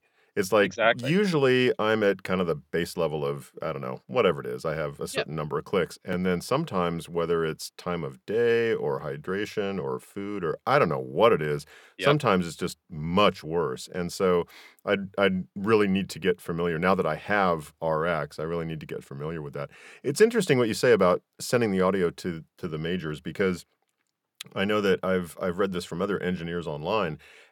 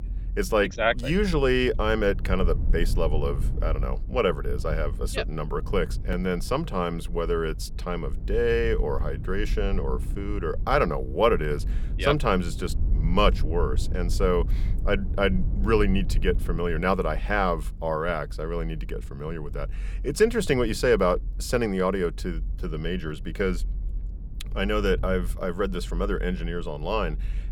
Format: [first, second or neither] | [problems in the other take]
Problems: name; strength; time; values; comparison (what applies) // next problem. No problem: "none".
first | low rumble; faint; throughout; 20 dB below the speech